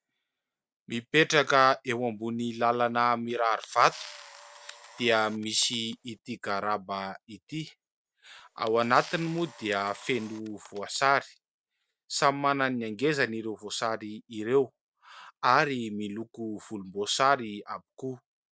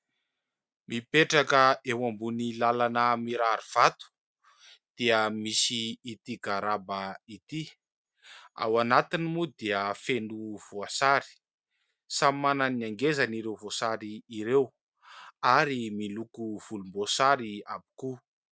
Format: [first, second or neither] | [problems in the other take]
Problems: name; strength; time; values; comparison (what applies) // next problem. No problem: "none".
second | noise reduction (neural separator model SepFormer DNS4)